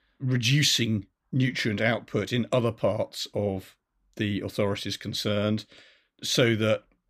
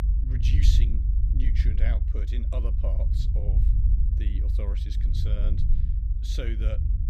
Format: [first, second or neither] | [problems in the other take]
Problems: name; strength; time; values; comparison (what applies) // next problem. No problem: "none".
first | low rumble; loud; throughout; 3 dB below the speech